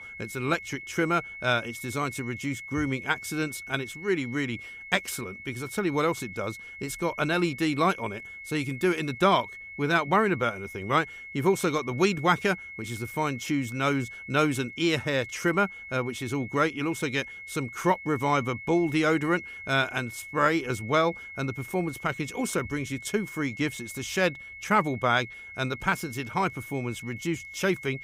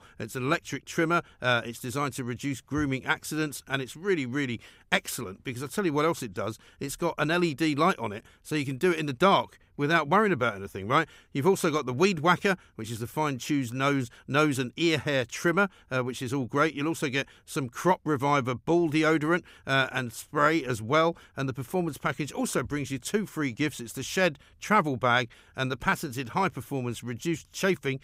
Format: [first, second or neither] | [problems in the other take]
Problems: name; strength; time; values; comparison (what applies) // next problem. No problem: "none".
second | high-pitched whine; noticeable; throughout; 2 kHz, 10 dB below the speech